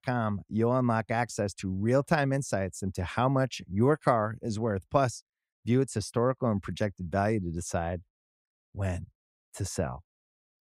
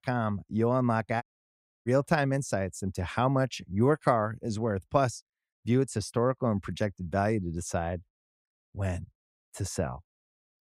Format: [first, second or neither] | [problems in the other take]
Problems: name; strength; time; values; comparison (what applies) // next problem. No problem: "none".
first | audio cutting out; at 1 s for 0.5 s